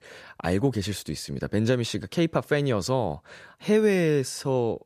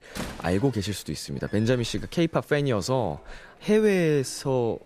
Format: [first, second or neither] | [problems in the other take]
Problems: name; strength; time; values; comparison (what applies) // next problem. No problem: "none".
first | door banging; faint; peak 10 dB below the speech